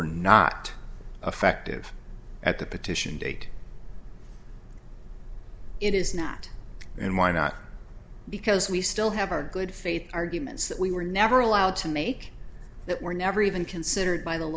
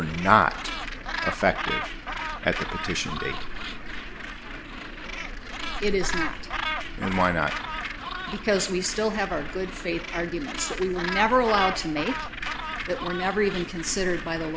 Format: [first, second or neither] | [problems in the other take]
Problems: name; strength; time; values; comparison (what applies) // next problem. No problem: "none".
first | background sound (Gull, seagull); 7 dB below the speech